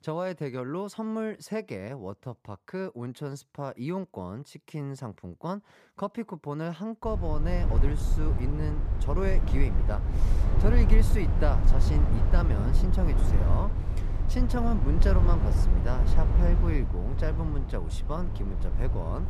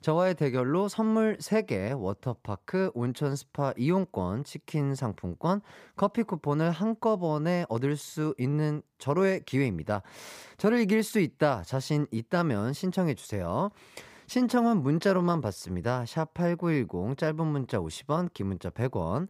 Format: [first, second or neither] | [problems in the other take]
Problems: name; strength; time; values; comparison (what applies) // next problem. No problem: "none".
second | low rumble; loud; from 7 s on; 4 dB below the speech